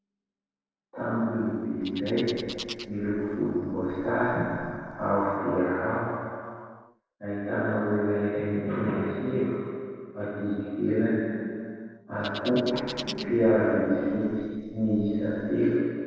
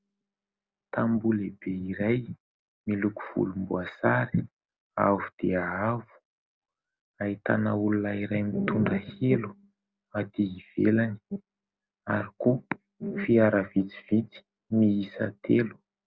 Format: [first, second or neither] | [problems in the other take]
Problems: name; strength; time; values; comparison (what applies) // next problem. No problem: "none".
second | noise reduction (neural separator model SepFormer DNS4)